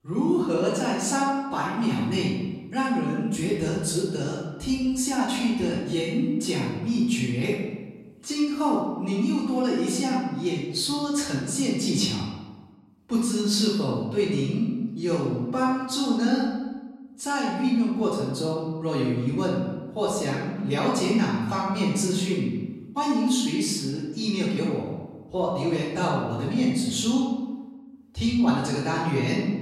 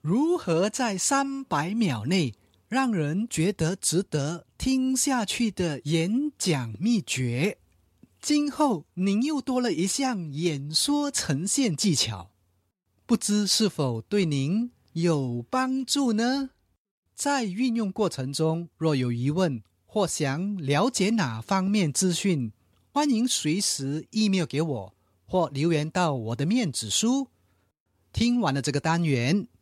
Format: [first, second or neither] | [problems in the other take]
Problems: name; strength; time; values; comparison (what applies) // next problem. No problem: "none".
second | off-mic speech; far // room echo; noticeable; dies away in 1.1 s